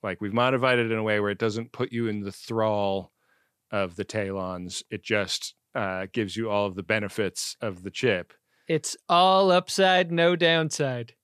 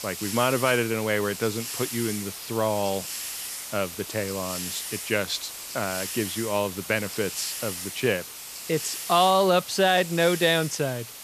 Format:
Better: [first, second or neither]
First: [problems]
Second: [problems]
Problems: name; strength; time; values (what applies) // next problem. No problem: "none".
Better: first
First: none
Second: hiss; loud; throughout; 7 dB below the speech